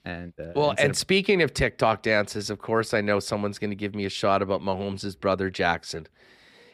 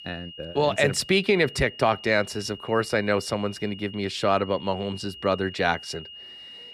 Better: first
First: none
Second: high-pitched whine; noticeable; throughout; 3 kHz, 15 dB below the speech

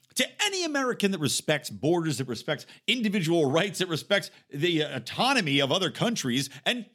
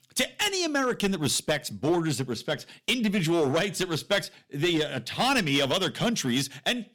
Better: first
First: none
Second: distortion; slight; 5% of the sound clipped

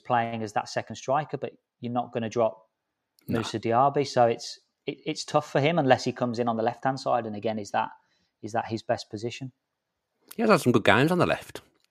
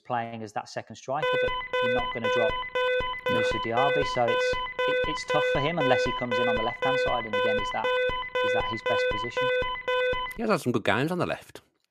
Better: first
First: none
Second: alarm; loud; from 1 to 10 s; peak 5 dB above the speech

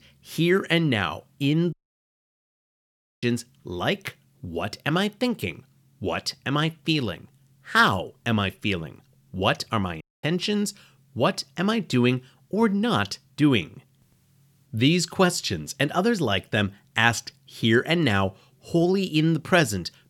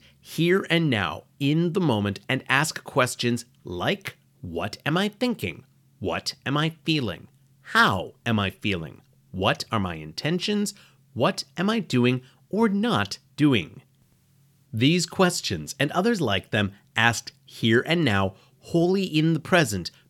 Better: second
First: audio cutting out; at 1.5 s for 1.5 s and at 10 s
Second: none

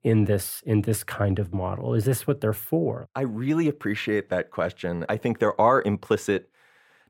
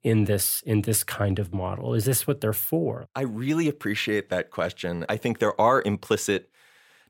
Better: second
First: muffled; slightly; fading above 2.5 kHz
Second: none

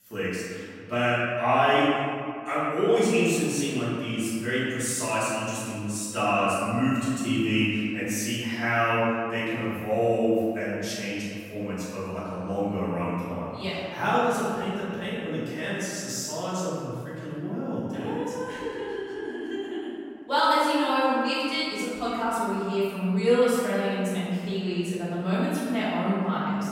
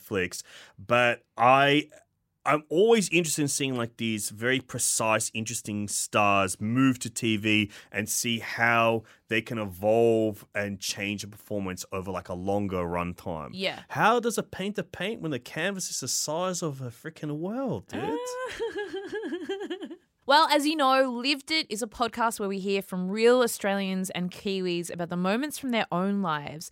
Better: second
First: off-mic speech; far // room echo; strong; dies away in 2 s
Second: none

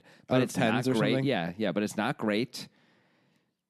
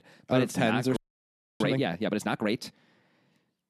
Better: first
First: none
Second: audio freezing; at 1 s for 0.5 s

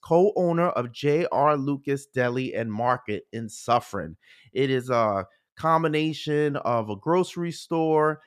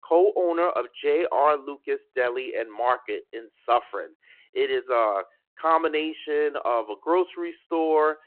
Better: first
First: none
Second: phone-call audio

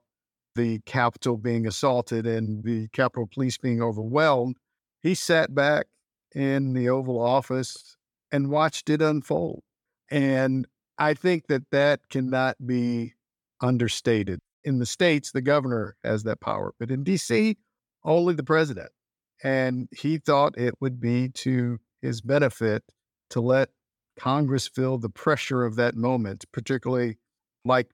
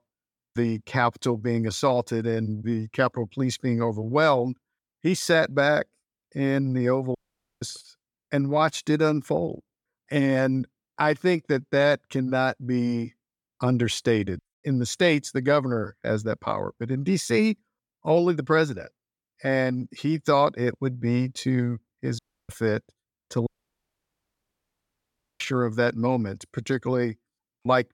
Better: first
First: none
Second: audio cutting out; at 7 s, at 22 s and at 23 s for 2 s

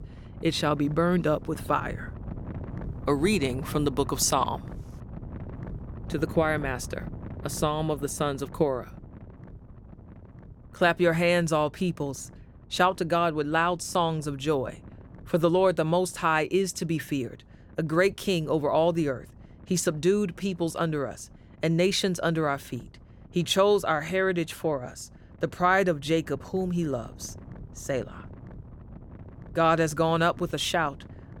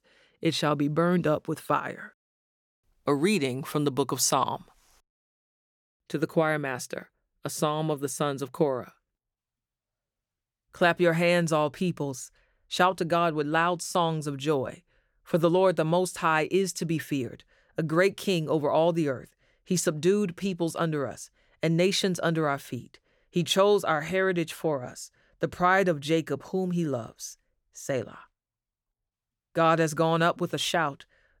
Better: second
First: wind noise on the microphone; occasional gusts; 25 dB below the speech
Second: none

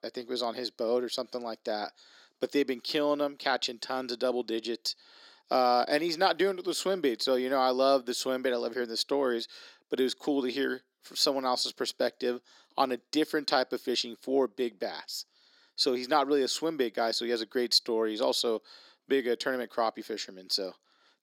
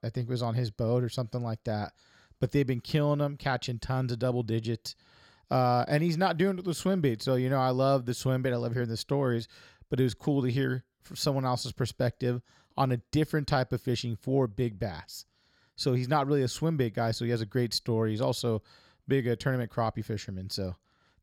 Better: second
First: thin; somewhat; fading below 250 Hz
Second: none

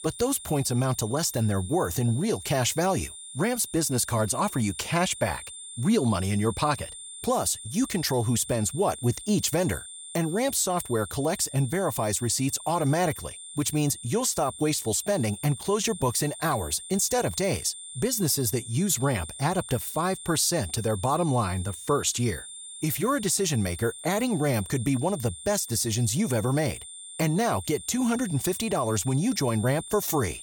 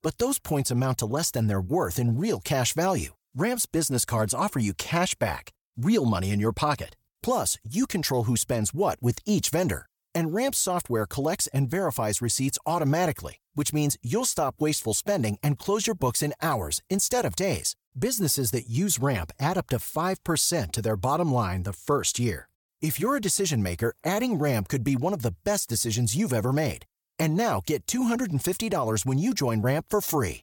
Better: second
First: high-pitched whine; noticeable; throughout; 9 kHz, 10 dB below the speech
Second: none

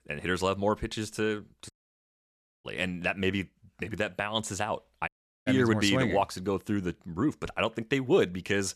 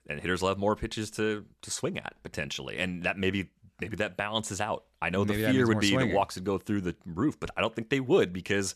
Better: second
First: audio cutting out; at 1.5 s for 1 s and at 5 s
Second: none

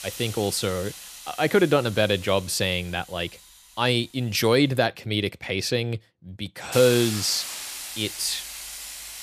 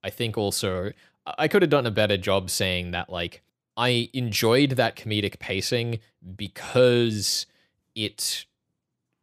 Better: second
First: hiss; noticeable; until 4.5 s and from 6.5 s on; 10 dB below the speech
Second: none

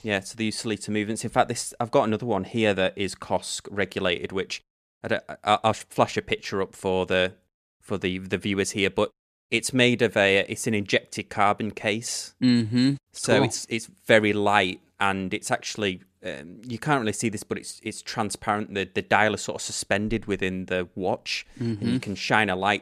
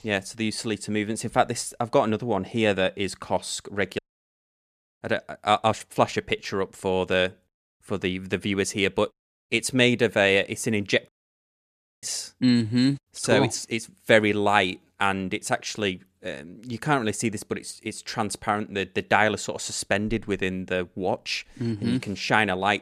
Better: first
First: none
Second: audio cutting out; at 4 s for 1 s and at 11 s for 1 s

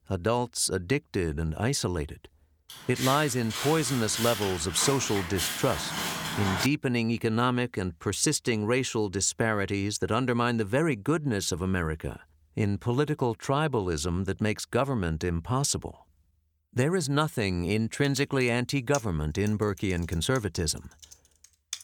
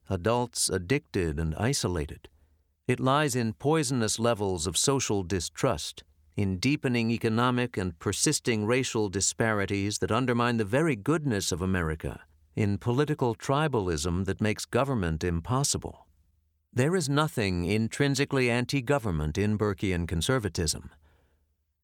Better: second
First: footsteps; noticeable; from 2.5 to 6.5 s; peak 2 dB below the speech // keyboard typing; faint; from 18 s on; peak 10 dB below the speech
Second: none

